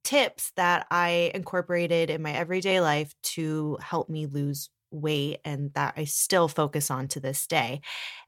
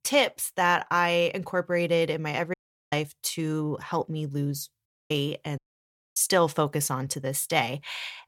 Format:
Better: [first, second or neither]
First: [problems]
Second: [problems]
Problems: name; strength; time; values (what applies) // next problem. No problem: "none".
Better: first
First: none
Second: audio cutting out; at 2.5 s, at 5 s and at 5.5 s for 0.5 s